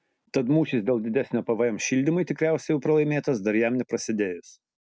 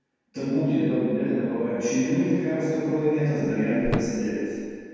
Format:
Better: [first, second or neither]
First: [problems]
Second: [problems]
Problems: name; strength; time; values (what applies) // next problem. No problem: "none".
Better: first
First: none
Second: background sound (Thump, thud); 9 dB below the speech // room echo; dies away in 2.1 s